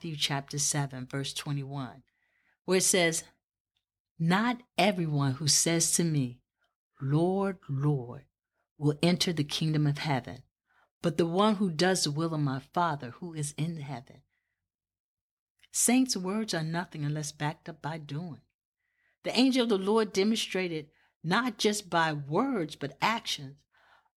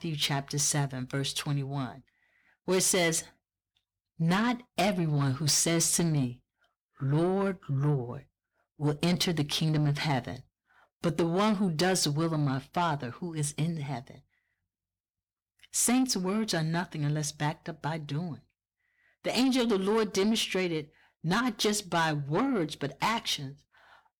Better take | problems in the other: first | distortion; slight; 10 dB below the speech

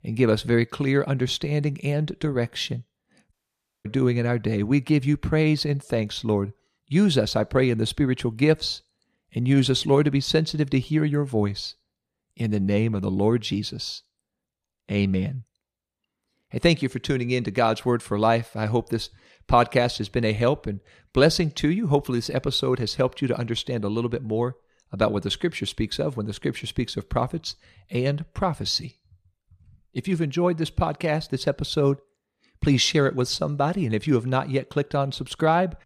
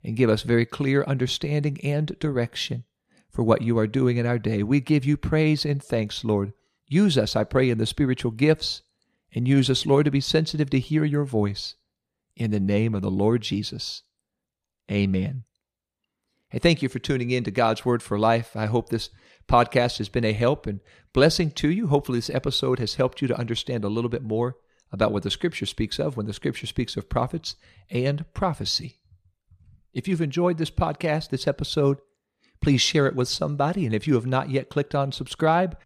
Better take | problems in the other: second | audio cutting out; at 3.5 s for 0.5 s

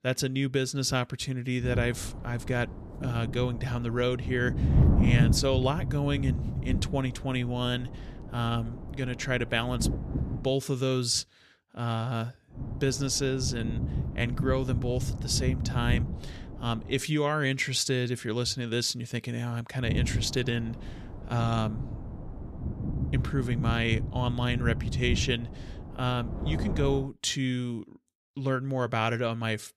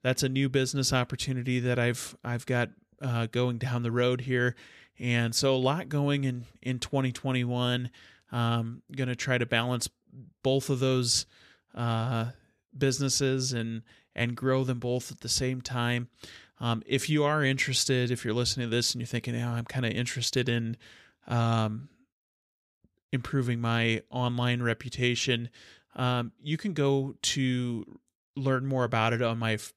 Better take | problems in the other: second | wind noise on the microphone; occasional gusts; from 1.5 to 10 s, from 13 to 17 s and from 20 to 27 s; 10 dB below the speech

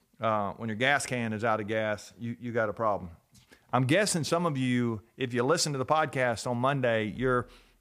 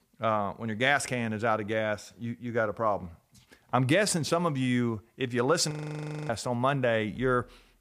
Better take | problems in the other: first | audio freezing; at 5.5 s for 0.5 s

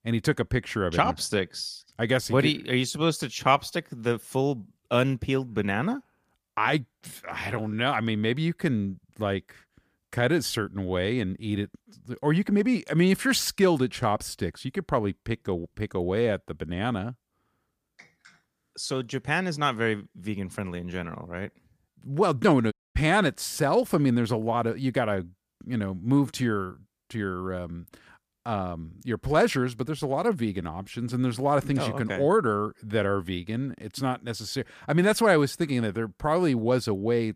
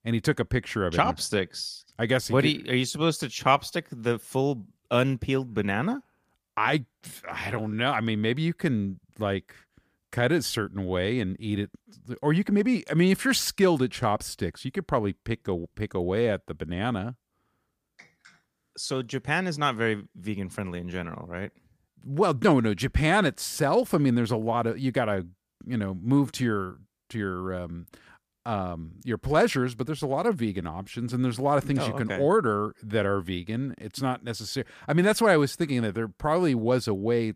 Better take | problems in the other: second | audio cutting out; at 23 s

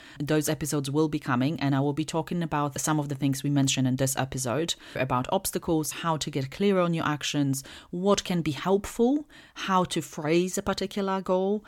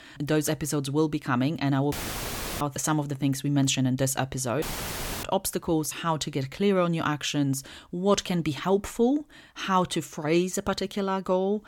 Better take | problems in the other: first | audio cutting out; filled with static; at 2 s for 0.5 s and at 4.5 s for 0.5 s

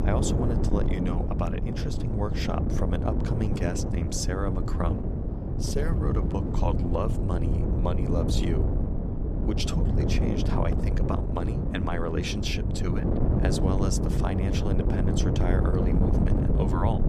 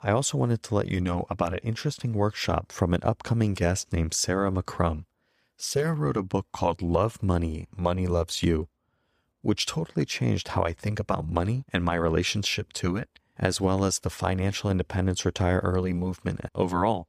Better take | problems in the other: second | wind noise on the microphone; heavy; 1 dB below the speech

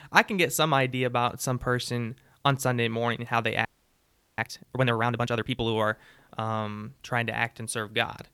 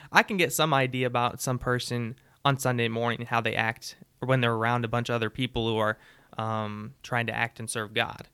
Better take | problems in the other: second | audio freezing; at 3.5 s for 0.5 s

